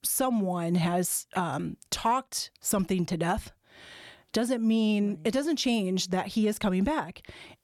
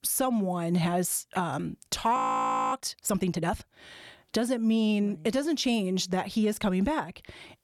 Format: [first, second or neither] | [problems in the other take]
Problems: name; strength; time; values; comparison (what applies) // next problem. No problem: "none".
first | audio freezing; at 2 s for 0.5 s